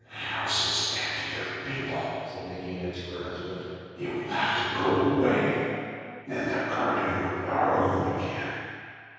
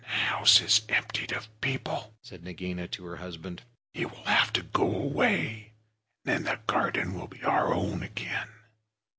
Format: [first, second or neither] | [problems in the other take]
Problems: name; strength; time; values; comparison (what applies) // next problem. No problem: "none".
second | room echo; dies away in 2.2 s